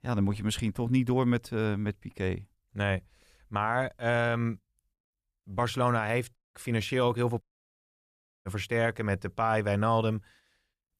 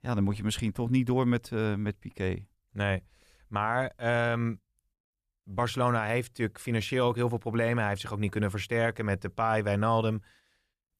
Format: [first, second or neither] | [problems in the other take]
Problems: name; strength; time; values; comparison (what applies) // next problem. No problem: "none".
second | audio cutting out; at 6.5 s and at 7.5 s for 1 s